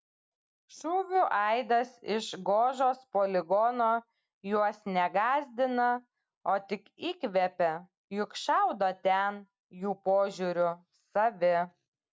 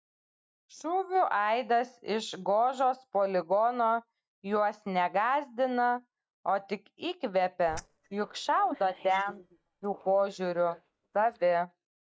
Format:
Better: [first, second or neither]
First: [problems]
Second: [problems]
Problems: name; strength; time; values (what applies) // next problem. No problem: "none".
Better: first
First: none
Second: noise reduction (neural mask model DeepFilterNet 3)